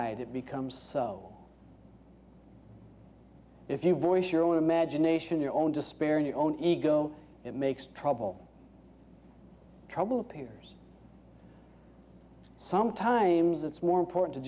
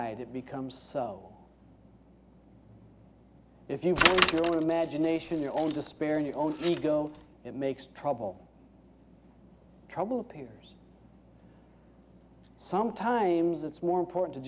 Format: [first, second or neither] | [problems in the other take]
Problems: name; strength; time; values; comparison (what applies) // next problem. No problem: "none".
first | background sound (Bicycle); as loud as the speech